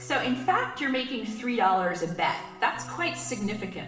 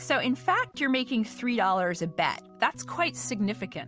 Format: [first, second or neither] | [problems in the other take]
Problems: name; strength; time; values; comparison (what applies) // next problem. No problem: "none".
second | room echo; dies away in 0.9 s